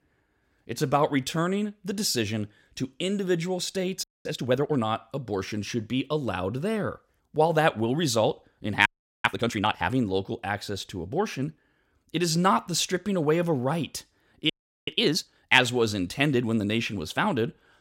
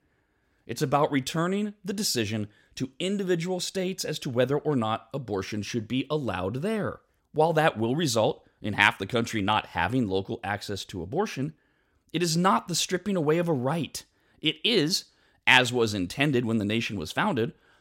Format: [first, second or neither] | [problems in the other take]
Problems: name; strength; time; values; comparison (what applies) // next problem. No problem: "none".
second | audio freezing; at 4 s, at 9 s and at 15 s